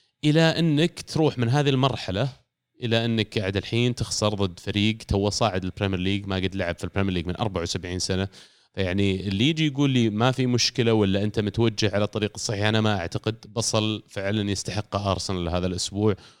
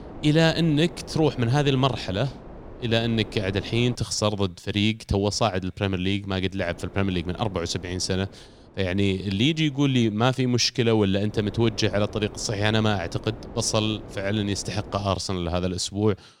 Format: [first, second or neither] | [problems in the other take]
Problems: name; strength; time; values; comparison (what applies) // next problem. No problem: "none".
first | wind noise on the microphone; occasional gusts; until 4 s, from 6.5 to 10 s and from 11 to 15 s; 20 dB below the speech